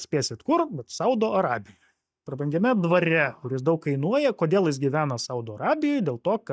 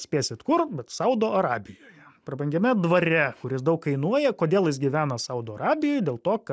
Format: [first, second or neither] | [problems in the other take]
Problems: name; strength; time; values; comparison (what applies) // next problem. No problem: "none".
second | noise reduction (neural mask model DeepFilterNet 3)